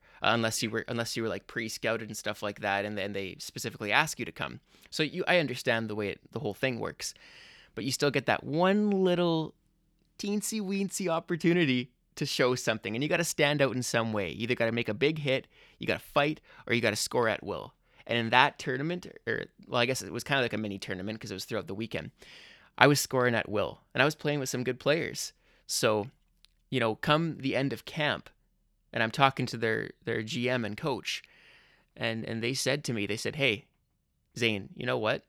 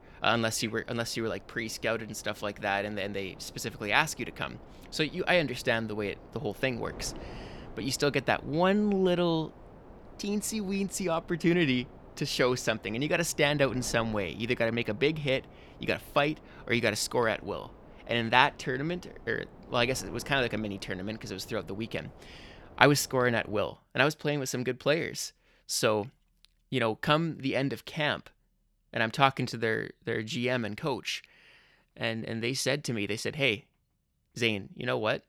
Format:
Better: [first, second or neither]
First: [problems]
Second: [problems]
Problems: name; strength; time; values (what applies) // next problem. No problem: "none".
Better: first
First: none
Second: wind noise on the microphone; occasional gusts; until 24 s; 25 dB below the speech